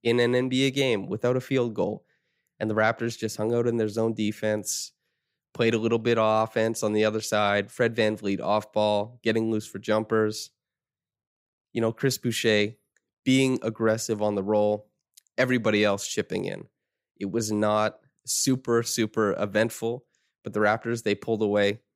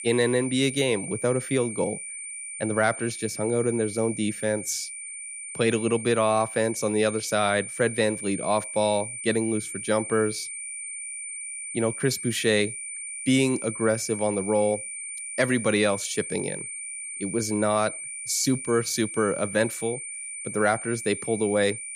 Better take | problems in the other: first | high-pitched whine; loud; throughout; 9 kHz, 8 dB below the speech

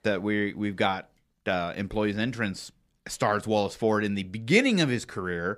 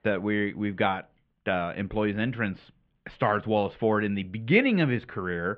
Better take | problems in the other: first | muffled; very; fading above 3 kHz

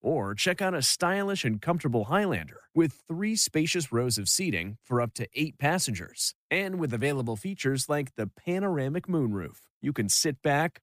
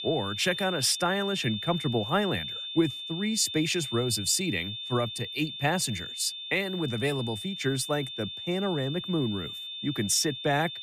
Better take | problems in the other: first | high-pitched whine; loud; throughout; 3.5 kHz, 6 dB below the speech

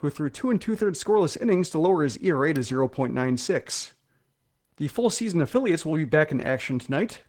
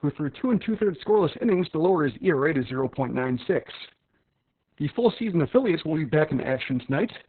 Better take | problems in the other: first | garbled, watery; badly; nothing above 4 kHz; slightly in the first

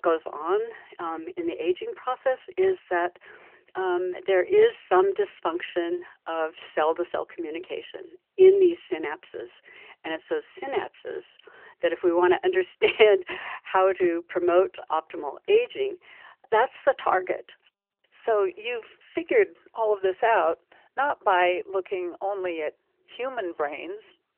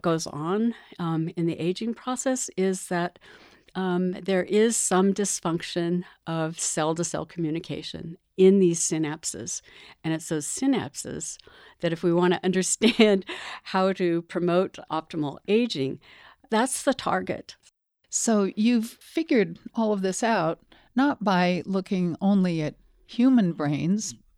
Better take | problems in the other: second | phone-call audio; nothing above 3 kHz

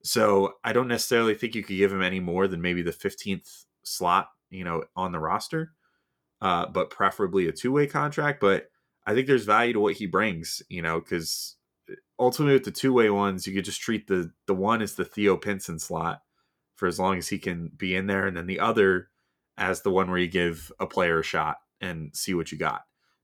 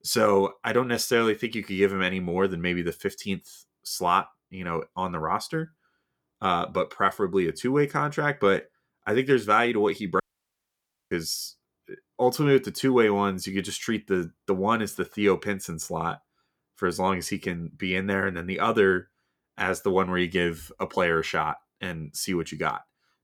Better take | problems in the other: first | audio cutting out; at 10 s for 1 s

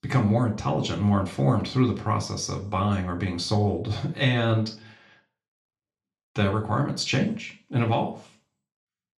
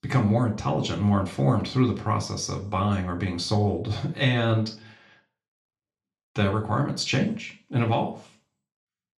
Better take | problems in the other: neither | room echo; very slight; dies away in 0.4 s; the same in both // off-mic speech; somewhat distant; the same in both

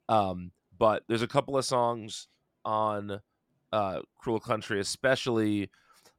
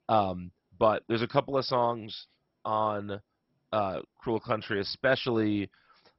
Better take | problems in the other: first | garbled, watery; badly; nothing above 5.5 kHz

